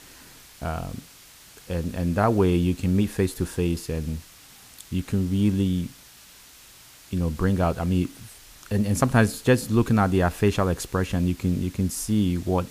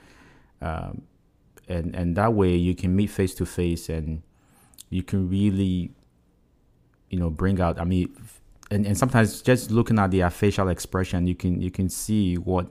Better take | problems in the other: second | hiss; faint; throughout; 20 dB below the speech

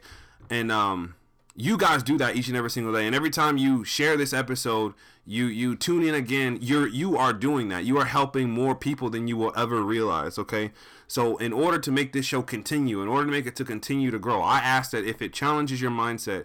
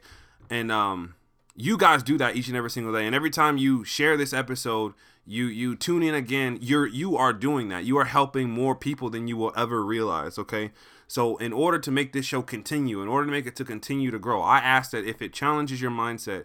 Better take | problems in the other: second | distortion; slight; 10 dB below the speech

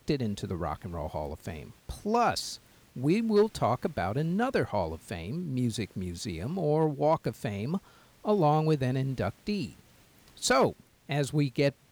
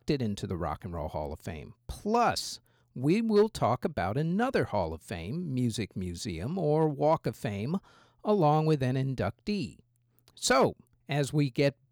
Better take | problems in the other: second | hiss; faint; throughout; 30 dB below the speech

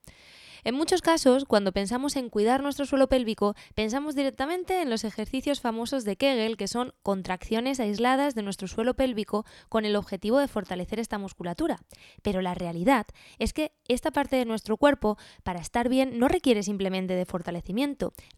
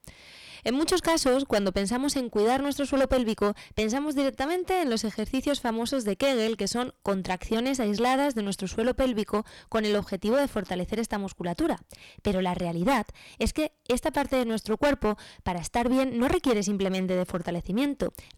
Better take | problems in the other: first | distortion; heavy; 8% of the sound clipped

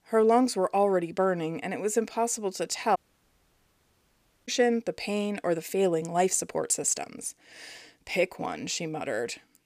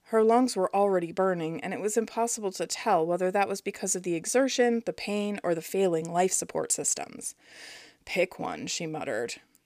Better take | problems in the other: second | audio cutting out; at 3 s for 1.5 s

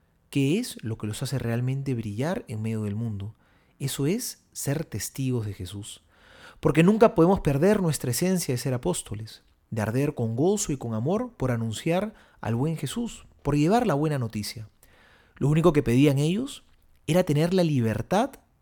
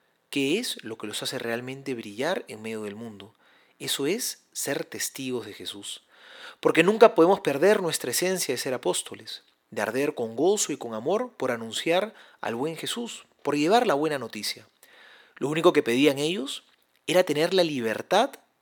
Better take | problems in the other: first | thin; somewhat; fading below 400 Hz

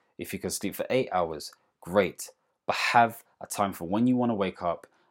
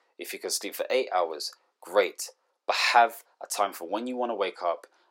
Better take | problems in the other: first | thin; somewhat; fading below 350 Hz

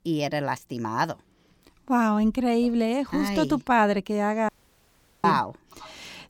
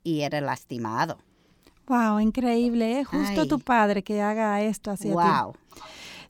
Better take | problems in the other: second | audio cutting out; at 4.5 s for 1 s

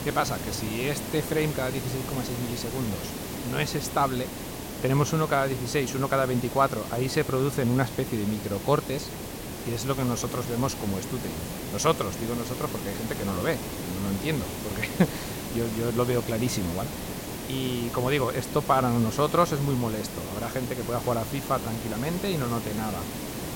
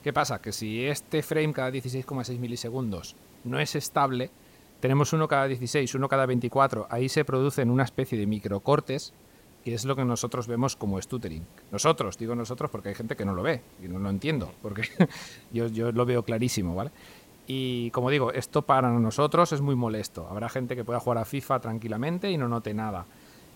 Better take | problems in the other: second | hiss; loud; throughout; 6 dB below the speech; faint in the second

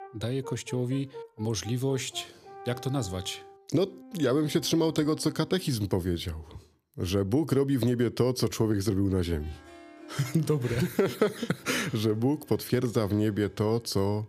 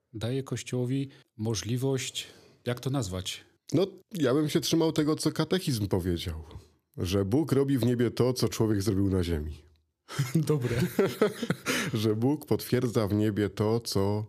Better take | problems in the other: second | background music; faint; throughout; 20 dB below the speech

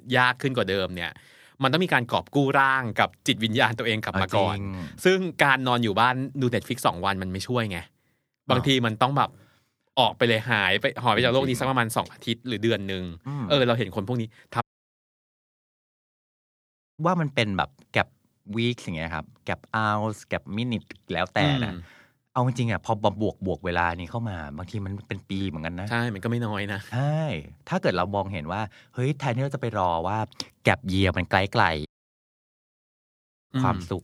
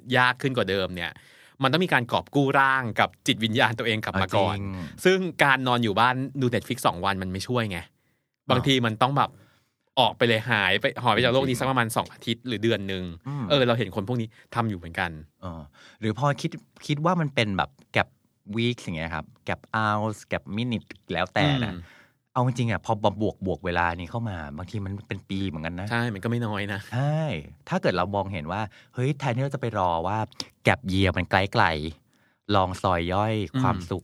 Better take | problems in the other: second | audio cutting out; at 15 s for 2.5 s and at 32 s for 1.5 s

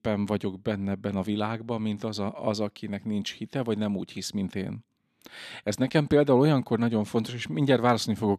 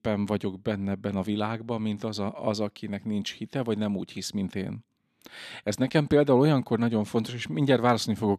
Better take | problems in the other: neither | none

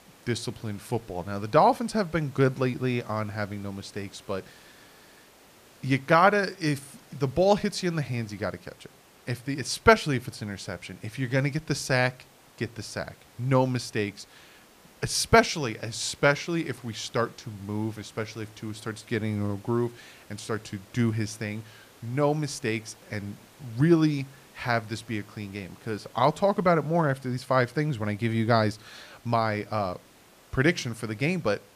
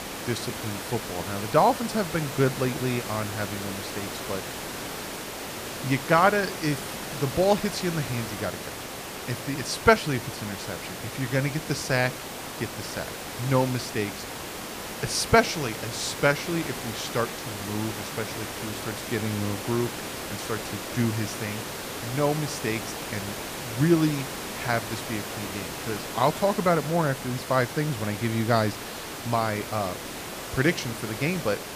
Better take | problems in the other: first | hiss; loud; throughout; 6 dB below the speech; faint in the first

